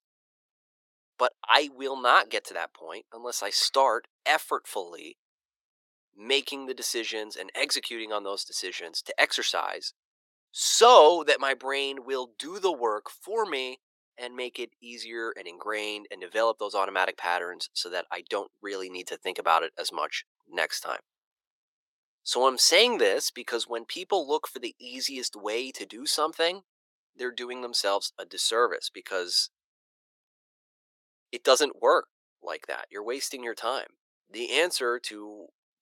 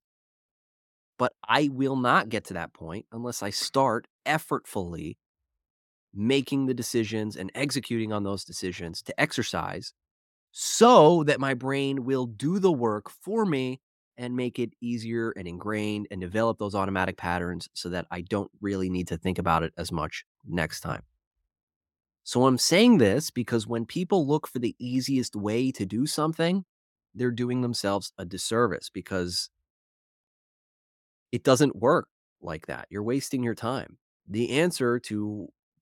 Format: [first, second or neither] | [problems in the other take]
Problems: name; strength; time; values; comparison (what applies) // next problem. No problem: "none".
second | thin; very; fading below 450 Hz